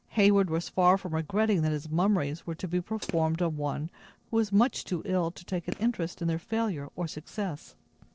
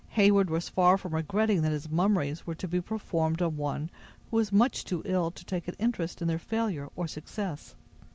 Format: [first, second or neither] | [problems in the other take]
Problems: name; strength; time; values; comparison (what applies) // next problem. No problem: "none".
second | noise reduction (neural separator model SepFormer DNS4)